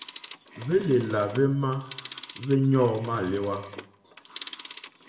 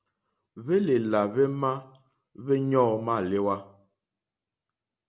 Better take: second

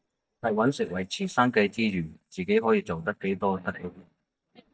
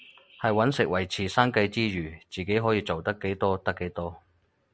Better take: second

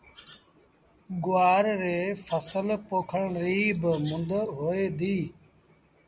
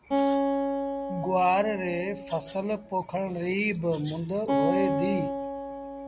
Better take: first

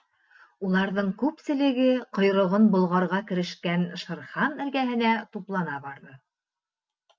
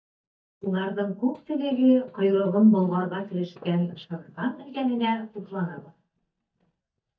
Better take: first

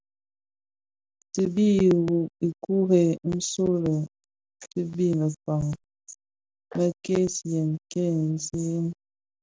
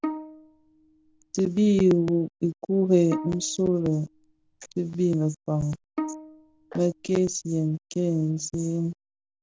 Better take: first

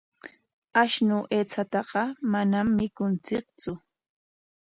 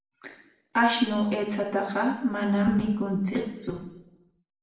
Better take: first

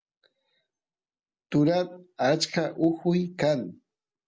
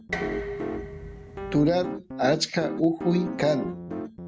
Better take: first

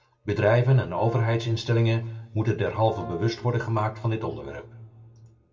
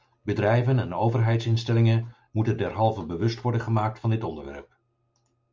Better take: second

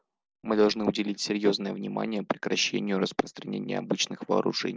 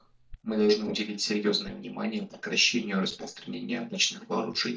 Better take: first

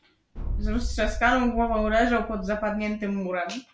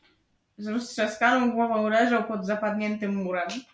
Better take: second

